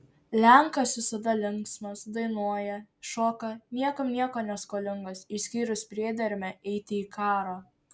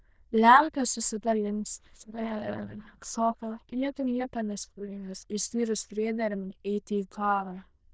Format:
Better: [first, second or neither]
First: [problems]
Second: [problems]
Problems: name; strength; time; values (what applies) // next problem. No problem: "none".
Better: first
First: none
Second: noise reduction (neural diffusion model UNIVERSE++)